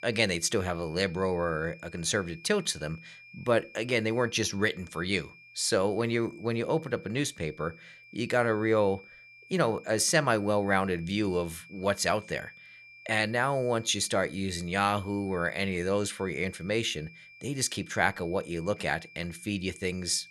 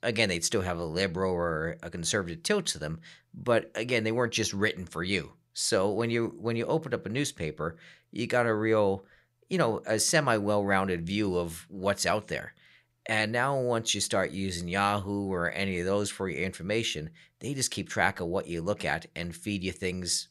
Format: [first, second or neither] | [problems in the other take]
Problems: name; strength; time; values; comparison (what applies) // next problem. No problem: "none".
second | high-pitched whine; faint; throughout; 2.5 kHz, 20 dB below the speech